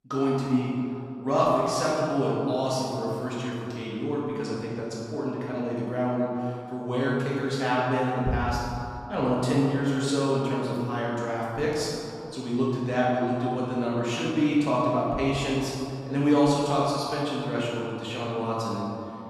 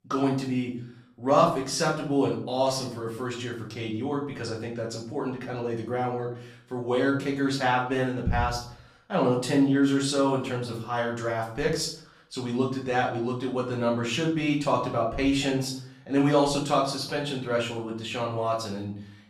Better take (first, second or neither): second